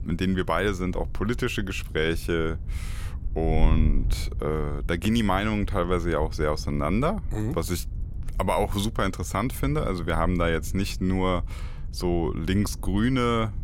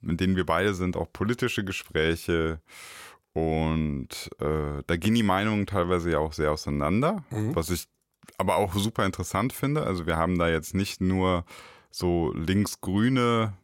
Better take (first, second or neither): second